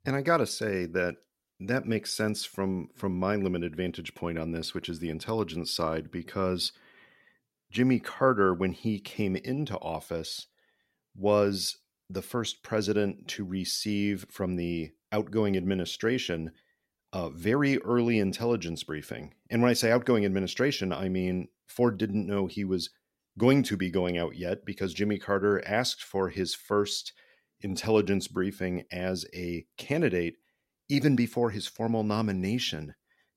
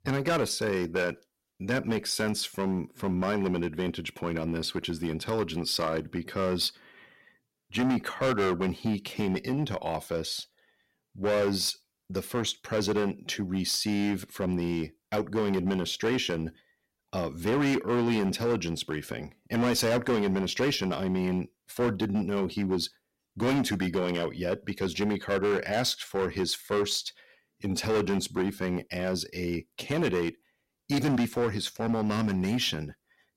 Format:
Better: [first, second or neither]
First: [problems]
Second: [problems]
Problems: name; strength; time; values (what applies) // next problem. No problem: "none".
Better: first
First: none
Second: distortion; heavy; 10% of the sound clipped